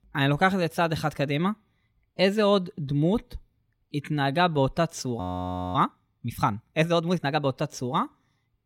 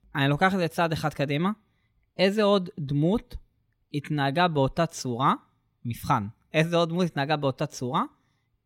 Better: second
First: audio freezing; at 5 s for 0.5 s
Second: none

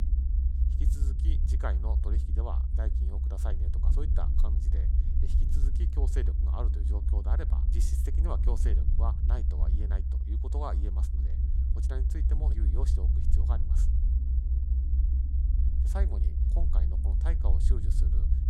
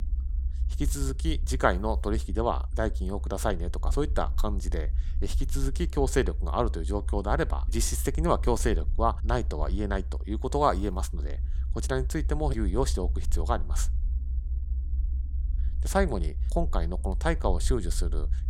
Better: second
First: low rumble; loud; throughout; 3 dB below the speech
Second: low rumble; faint; throughout; 20 dB below the speech

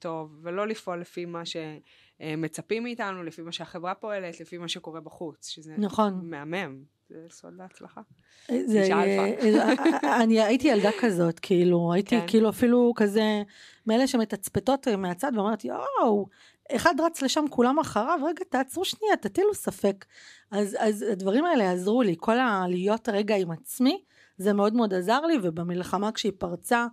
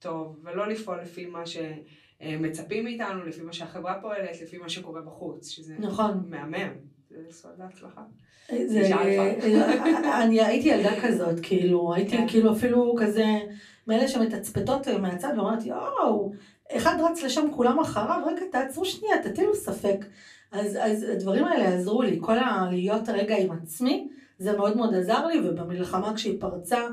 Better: first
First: none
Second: off-mic speech; far // room echo; very slight; dies away in 0.3 s

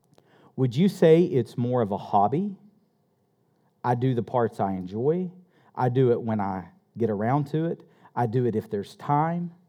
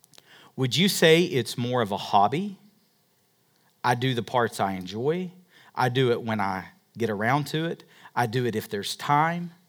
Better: second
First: muffled; slightly; fading above 1.5 kHz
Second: none

